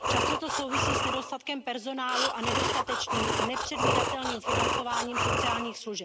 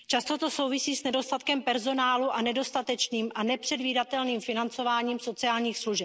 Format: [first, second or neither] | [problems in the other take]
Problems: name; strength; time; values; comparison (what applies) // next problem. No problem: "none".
second | background sound (Breathing); 5 dB above the speech